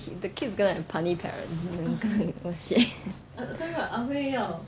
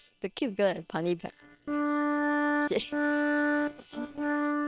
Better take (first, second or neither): first